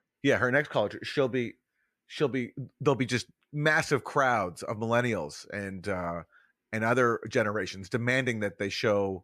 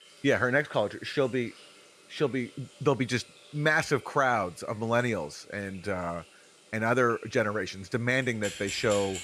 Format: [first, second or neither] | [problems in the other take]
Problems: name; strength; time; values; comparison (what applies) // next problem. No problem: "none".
first | household noises; noticeable; throughout; 20 dB below the speech